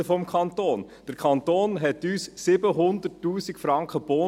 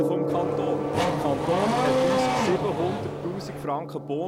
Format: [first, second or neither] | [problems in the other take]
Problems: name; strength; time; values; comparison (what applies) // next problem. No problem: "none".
first | background sound (Race car, auto racing / Accelerating, revving, vroom + Gong); 4 dB above the speech